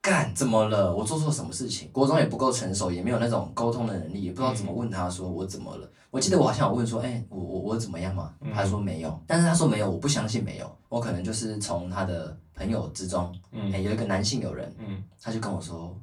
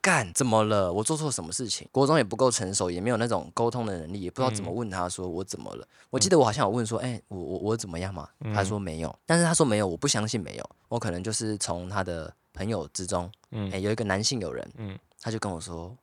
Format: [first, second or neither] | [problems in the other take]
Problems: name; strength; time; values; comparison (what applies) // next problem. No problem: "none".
second | off-mic speech; far // room echo; very slight; dies away in 0.3 s